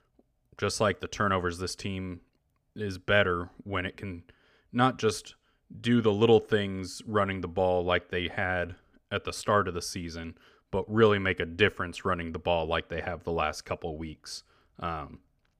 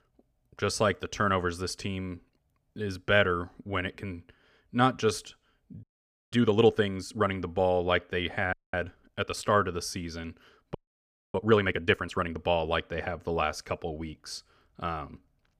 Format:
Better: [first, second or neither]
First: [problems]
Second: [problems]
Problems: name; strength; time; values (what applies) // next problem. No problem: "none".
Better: first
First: none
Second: audio freezing; at 6 s, at 8.5 s and at 11 s for 0.5 s